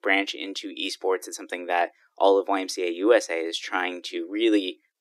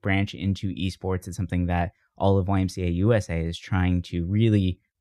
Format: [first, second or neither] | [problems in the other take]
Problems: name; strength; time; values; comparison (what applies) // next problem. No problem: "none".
second | thin; very; fading below 300 Hz